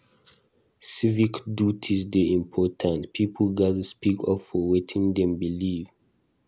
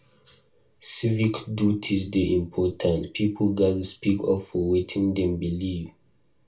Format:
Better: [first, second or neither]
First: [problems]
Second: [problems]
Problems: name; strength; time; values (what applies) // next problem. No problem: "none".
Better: first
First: none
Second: room echo; dies away in 0.2 s